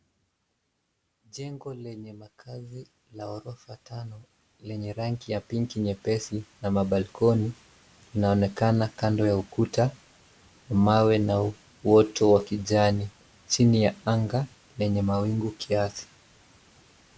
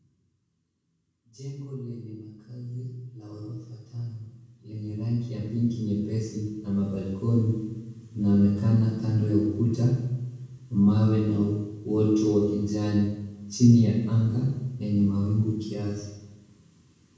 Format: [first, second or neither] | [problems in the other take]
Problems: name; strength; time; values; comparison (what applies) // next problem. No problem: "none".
first | room echo; dies away in 1.1 s